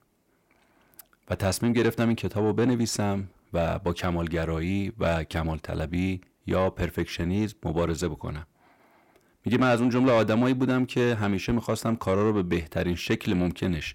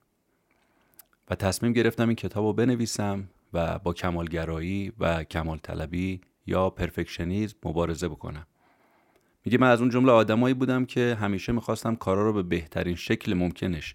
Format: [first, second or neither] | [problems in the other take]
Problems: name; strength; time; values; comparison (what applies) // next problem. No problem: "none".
second | distortion; slight; 10 dB below the speech